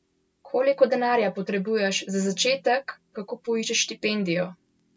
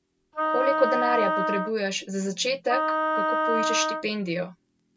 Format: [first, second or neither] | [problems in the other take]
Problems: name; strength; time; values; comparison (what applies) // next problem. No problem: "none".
first | background sound (Wind instrument, woodwind instrument); 2 dB above the speech